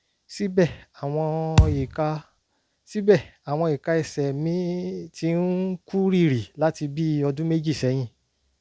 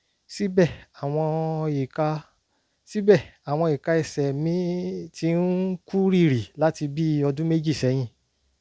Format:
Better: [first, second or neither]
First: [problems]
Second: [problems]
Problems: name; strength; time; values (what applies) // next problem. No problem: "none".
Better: second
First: background sound (Thump, thud); 2 dB above the speech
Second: none